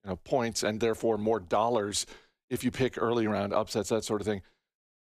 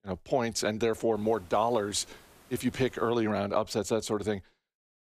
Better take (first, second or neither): first